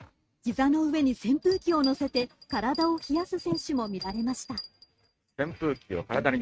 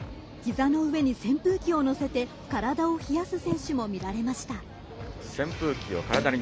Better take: second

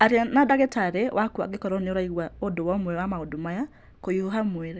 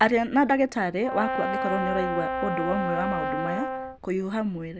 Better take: first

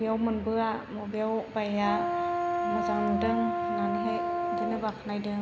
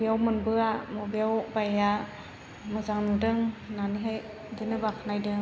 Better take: second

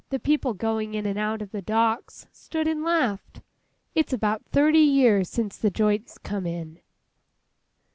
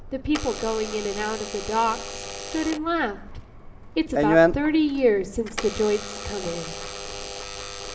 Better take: first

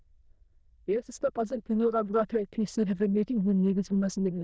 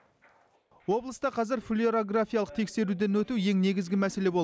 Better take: second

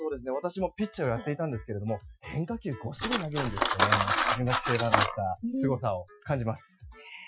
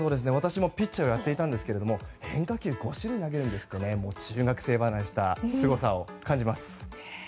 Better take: second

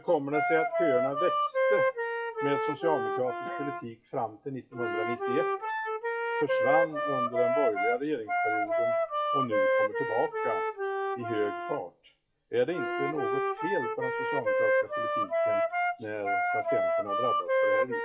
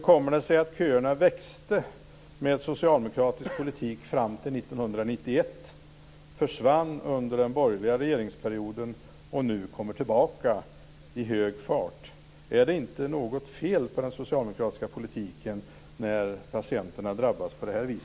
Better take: second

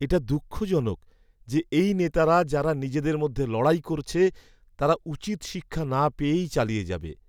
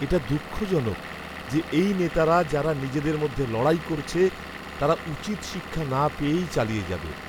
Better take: first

